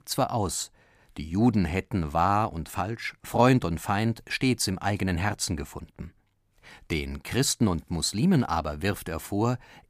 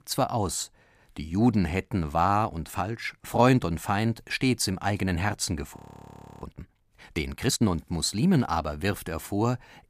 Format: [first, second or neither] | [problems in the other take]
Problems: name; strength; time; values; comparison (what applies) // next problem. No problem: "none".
first | audio freezing; at 6 s for 0.5 s